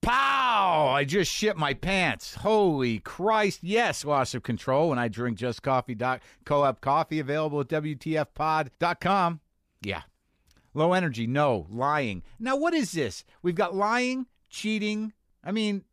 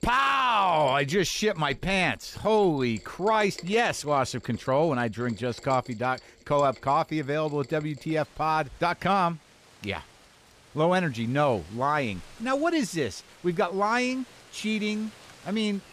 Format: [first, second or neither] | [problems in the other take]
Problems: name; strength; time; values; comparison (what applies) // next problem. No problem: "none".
first | rain or running water; faint; throughout; 25 dB below the speech